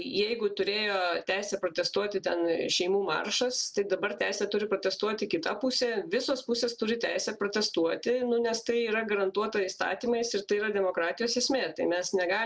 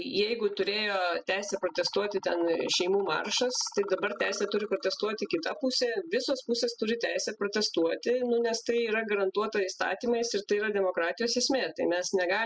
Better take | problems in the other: first | noise reduction (classical method spectral subtraction)

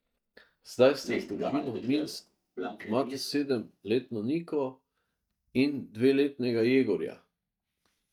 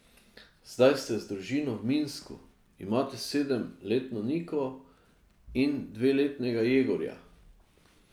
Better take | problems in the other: second | noise reduction (neural mask model DeepFilterNet 3)

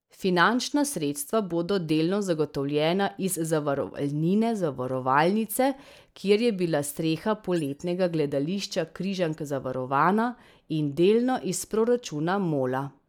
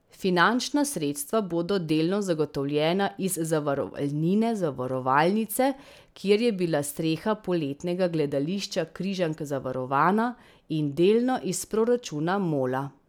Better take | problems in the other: second | noise reduction (neural mask model DeepFilterNet 3)

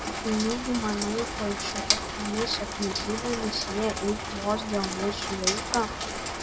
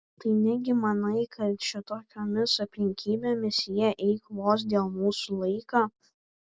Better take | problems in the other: second | background sound (Rain); 1 dB below the speech

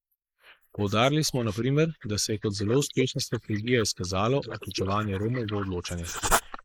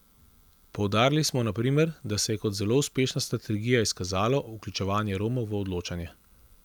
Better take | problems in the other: second | noise reduction (neural mask model Resemble Enhance denoiser)

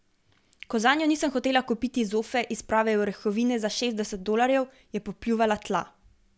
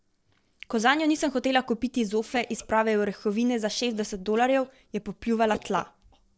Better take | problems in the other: first | noise reduction (neural separator model SepFormer DNS4)

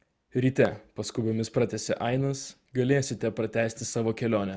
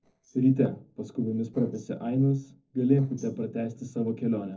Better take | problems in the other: first | noise reduction (neural separator model SepFormer DNS4)

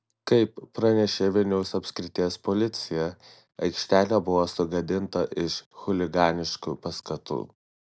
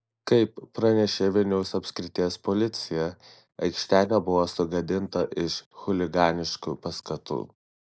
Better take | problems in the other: first | noise reduction (neural mask model Resemble Enhance denoiser)

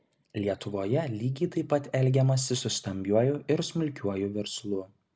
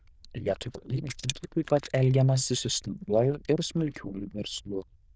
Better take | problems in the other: first | noise reduction (neural diffusion model UNIVERSE++)

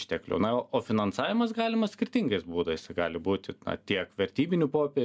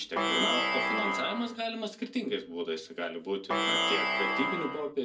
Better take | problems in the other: first | background sound (Plucked string instrument); 5 dB above the speech // room echo; dies away in 0.2 s

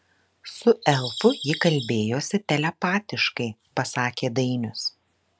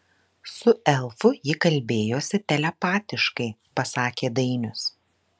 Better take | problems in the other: second | background sound (Bird vocalization, bird call, bird song); 10 dB below the speech

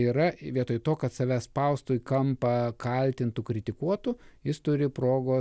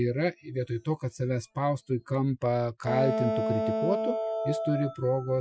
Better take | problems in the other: first | noise reduction (classical method Wiener filter)

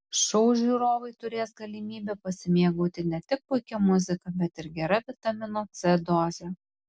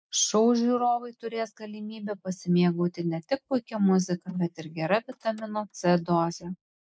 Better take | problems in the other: first | noise reduction (neural mask model Resemble Enhance denoiser)

